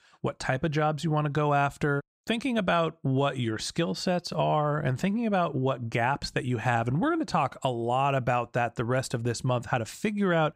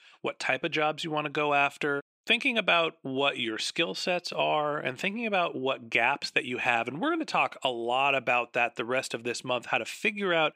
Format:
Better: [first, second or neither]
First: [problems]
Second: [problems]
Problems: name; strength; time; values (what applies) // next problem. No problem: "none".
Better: first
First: none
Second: thin; somewhat; fading below 350 Hz